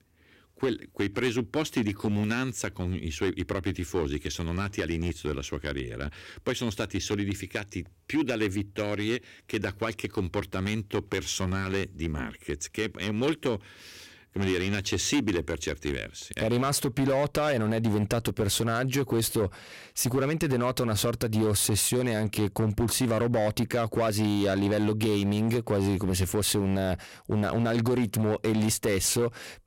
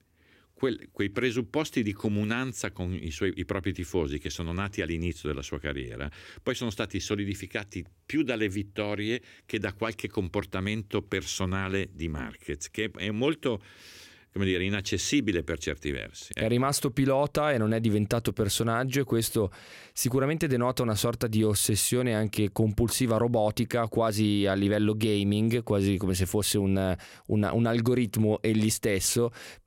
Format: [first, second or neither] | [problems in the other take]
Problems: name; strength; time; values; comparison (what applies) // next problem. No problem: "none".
second | distortion; slight; 9% of the sound clipped